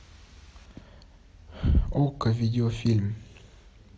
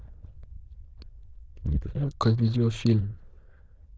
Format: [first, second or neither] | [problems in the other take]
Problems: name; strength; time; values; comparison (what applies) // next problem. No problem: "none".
first | noise reduction (neural diffusion model UNIVERSE++)